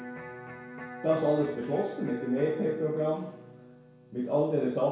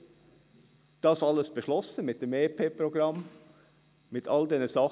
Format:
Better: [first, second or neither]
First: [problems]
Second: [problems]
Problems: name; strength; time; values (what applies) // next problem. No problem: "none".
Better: second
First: background sound (Electric guitar); 15 dB below the speech // room echo; dies away in 0.6 s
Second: none